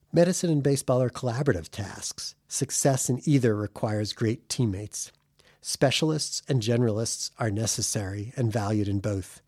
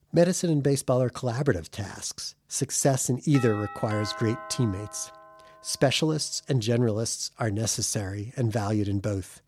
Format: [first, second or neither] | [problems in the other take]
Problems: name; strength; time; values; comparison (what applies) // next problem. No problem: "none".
first | doorbell; noticeable; from 3.5 to 5.5 s; peak 9 dB below the speech